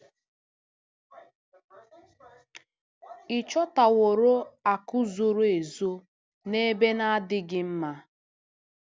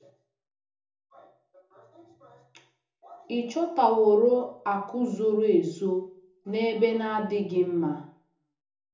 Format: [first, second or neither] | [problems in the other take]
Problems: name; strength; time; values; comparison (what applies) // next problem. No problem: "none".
first | room echo; dies away in 0.5 s